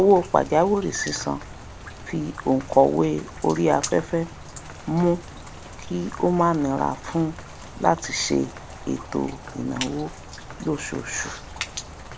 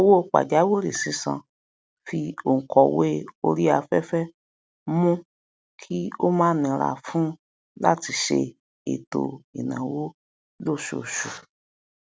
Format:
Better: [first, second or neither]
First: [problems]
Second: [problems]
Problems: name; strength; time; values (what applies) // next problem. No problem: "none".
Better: second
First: background sound (Rain); 14 dB below the speech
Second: none